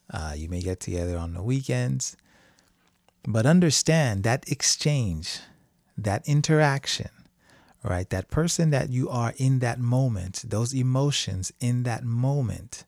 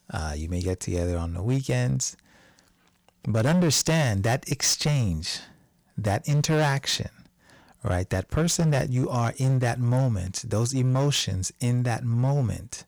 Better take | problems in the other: first | distortion; slight; 10% of the sound clipped

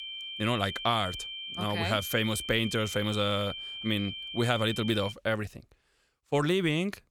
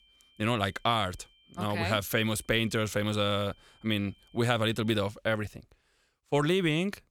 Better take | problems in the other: second | high-pitched whine; loud; until 5 s; 3 kHz, 7 dB below the speech; faint in the second

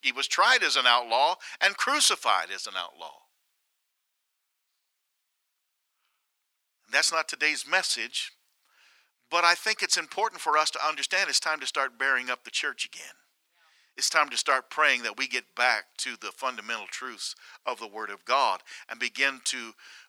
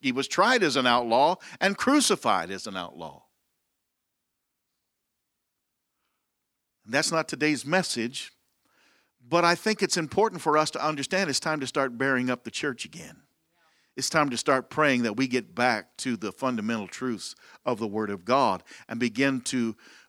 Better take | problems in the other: second | thin; very; fading below 850 Hz

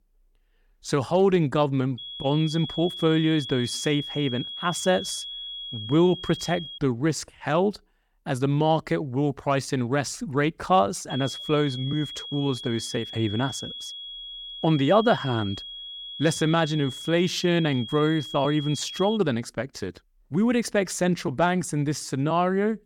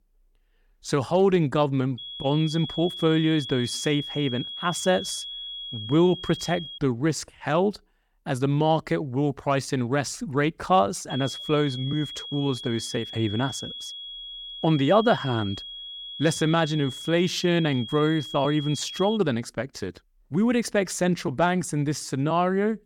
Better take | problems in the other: neither | high-pitched whine; loud; from 2 to 7 s and from 11 to 19 s; 3.5 kHz, 10 dB below the speech; the same in both

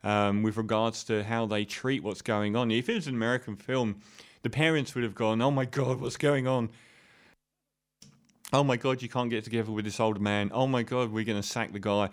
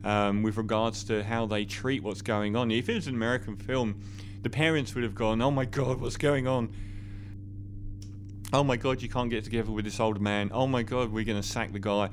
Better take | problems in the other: first | low rumble; faint; throughout; 25 dB below the speech

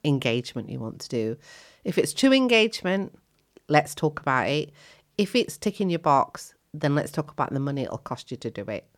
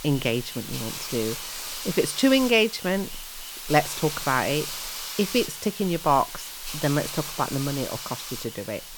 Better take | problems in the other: first | hiss; loud; throughout; 7 dB below the speech

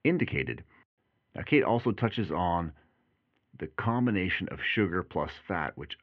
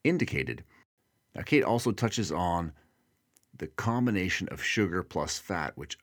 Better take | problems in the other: second | muffled; very; fading above 3 kHz

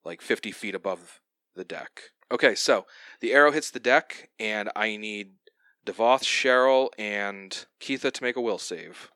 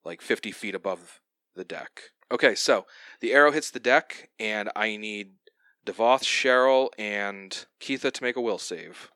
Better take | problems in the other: neither | thin; somewhat; fading below 300 Hz; the same in both

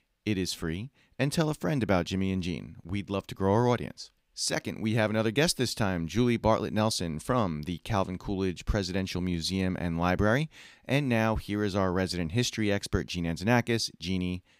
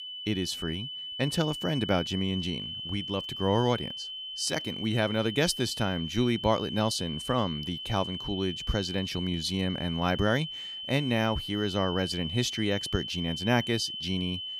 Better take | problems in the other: first | high-pitched whine; loud; throughout; 3 kHz, 6 dB below the speech

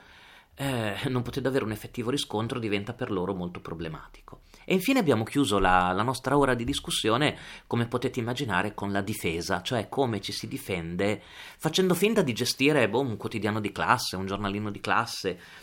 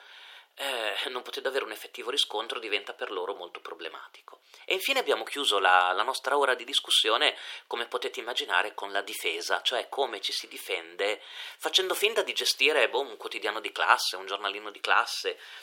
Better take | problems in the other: first | thin; very; fading below 400 Hz

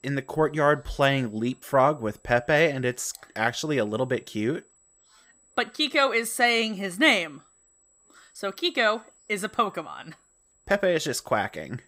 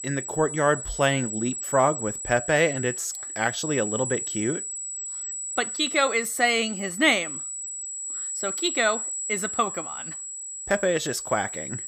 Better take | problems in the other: first | high-pitched whine; loud; throughout; 8 kHz, 5 dB below the speech; faint in the first

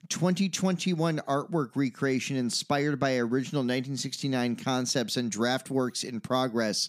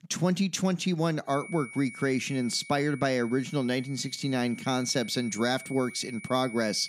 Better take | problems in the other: first | high-pitched whine; noticeable; from 1.5 s on; 2.5 kHz, 15 dB below the speech

